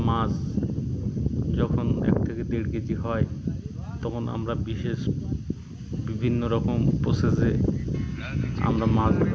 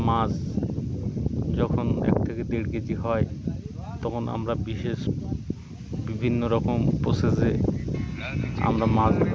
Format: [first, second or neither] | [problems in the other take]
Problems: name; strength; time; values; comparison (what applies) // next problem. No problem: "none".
second | room echo; dies away in 0.7 s